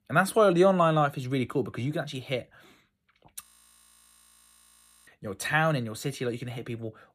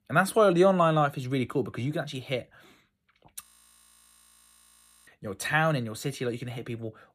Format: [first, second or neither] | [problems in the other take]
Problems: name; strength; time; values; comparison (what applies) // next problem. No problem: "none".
neither | audio freezing; at 3.5 s for 1.5 s; the same in both